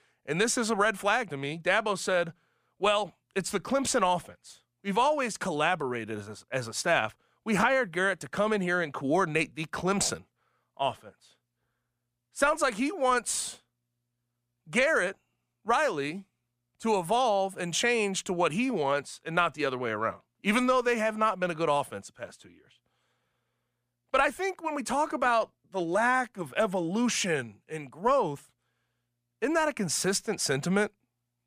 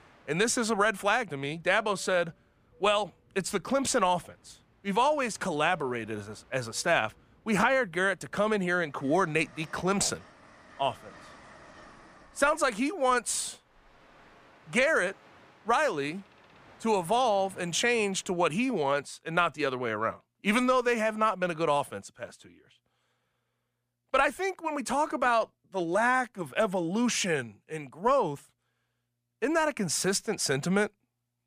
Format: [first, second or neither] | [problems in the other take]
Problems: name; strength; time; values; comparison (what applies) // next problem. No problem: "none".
first | train or aircraft noise; faint; until 18 s; 30 dB below the speech